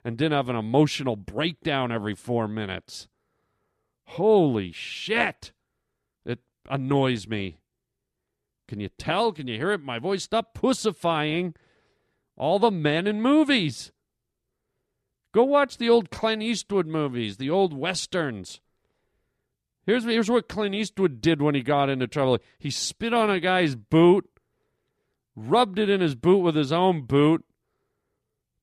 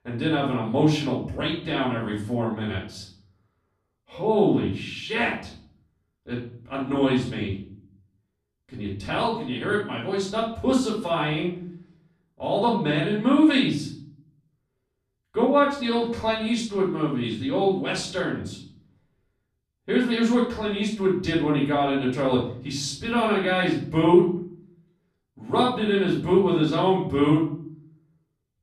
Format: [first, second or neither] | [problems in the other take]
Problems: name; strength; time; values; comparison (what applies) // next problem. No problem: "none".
first | off-mic speech; far // room echo; noticeable; dies away in 0.5 s